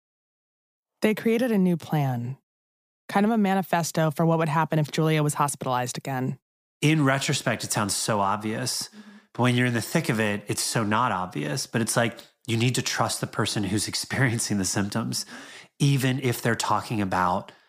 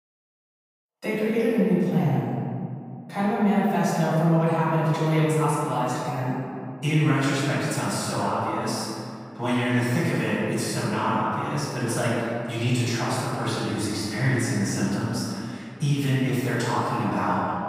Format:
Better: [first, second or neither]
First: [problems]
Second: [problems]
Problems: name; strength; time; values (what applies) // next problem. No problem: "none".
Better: first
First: none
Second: off-mic speech; far // room echo; strong; dies away in 2.2 s